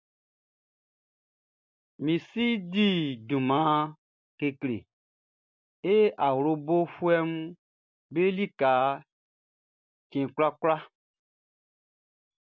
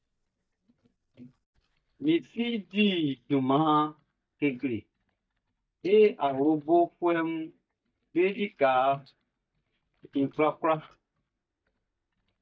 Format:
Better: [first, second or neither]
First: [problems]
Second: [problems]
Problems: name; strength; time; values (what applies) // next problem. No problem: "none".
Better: first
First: none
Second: noise reduction (neural mask model DeepFilterNet 3)